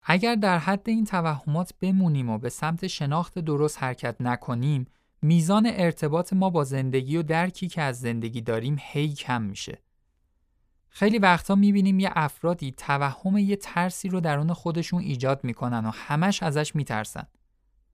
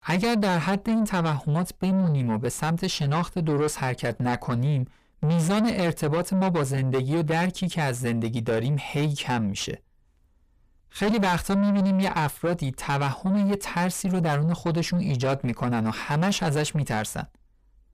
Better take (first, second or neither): first